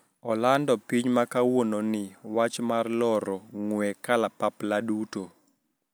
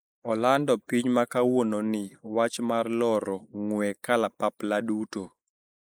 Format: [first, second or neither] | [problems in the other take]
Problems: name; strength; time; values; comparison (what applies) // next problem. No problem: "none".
first | noise reduction (neural mask model Resemble Enhance denoiser)